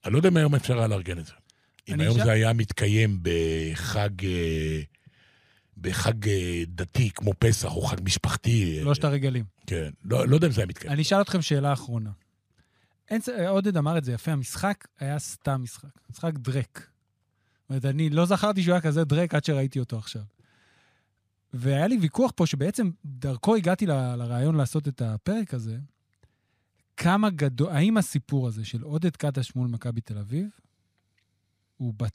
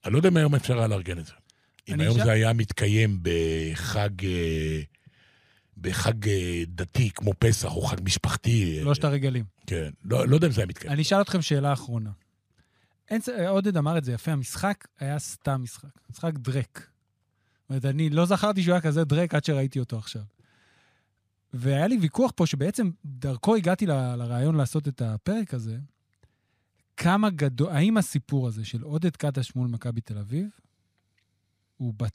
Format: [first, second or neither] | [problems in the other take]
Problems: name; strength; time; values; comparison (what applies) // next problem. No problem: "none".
neither | none